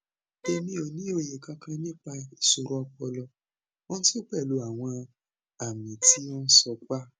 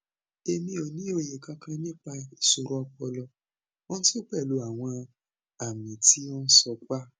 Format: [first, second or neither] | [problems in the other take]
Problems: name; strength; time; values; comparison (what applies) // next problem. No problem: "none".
second | background sound (Wind instrument, woodwind instrument); 14 dB below the speech